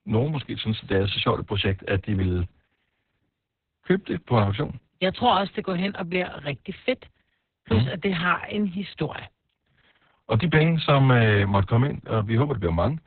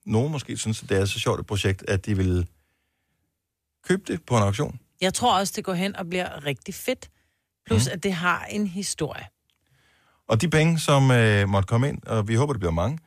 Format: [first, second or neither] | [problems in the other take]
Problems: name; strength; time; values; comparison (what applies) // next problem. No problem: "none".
second | garbled, watery; badly; nothing above 4 kHz